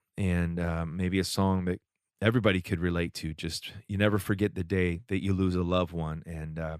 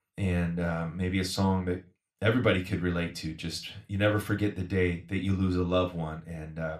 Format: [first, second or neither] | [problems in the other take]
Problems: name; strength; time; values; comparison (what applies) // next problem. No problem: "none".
first | room echo; very slight; dies away in 0.3 s